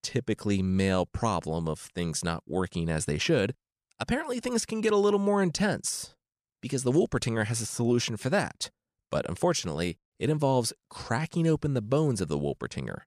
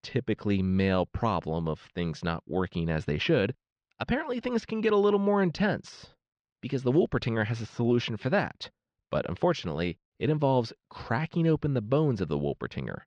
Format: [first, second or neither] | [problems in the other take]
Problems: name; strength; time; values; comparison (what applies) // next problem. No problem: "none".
first | muffled; slightly; fading above 4 kHz